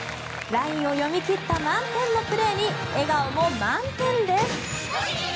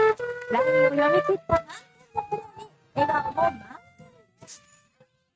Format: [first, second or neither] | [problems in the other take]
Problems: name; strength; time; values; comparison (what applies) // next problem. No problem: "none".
first | noise reduction (neural mask model RNNoise)